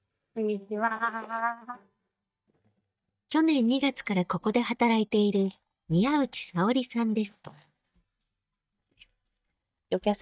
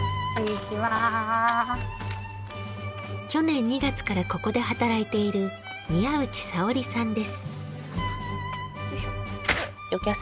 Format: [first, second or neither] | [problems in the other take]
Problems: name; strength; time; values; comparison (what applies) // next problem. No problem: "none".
second | noise reduction (neural mask model DeepFilterNet 3)